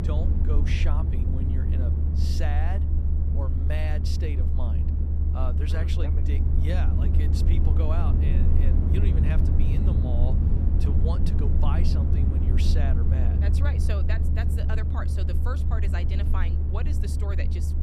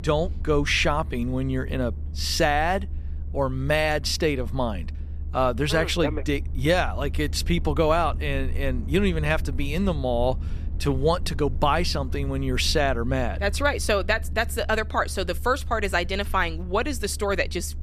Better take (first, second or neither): second